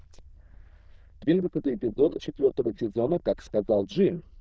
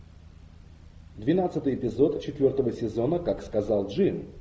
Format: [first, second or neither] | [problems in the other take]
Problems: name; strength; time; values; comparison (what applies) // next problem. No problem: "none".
second | noise reduction (neural diffusion model UNIVERSE++)